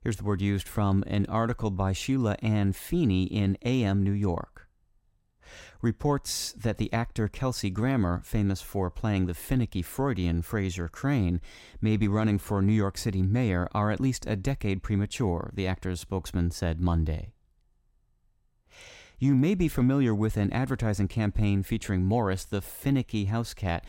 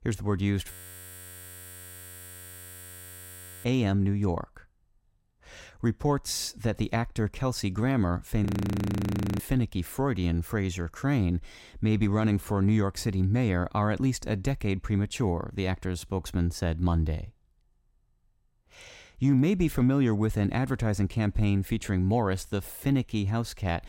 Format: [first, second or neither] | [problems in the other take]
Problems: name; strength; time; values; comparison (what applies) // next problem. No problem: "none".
first | audio freezing; at 0.5 s for 3 s and at 8.5 s for 1 s